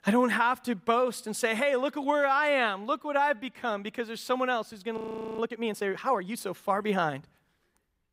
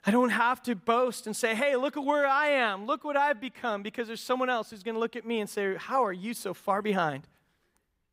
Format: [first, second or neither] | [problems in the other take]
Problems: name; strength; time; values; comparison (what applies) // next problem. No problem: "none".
second | audio freezing; at 5 s